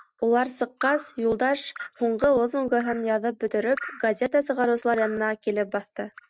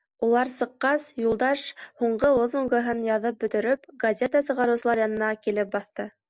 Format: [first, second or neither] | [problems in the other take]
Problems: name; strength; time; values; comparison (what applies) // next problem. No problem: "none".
second | noise reduction (neural mask model RNNoise)